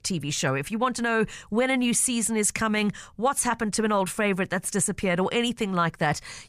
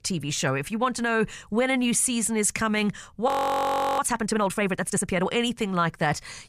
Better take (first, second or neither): first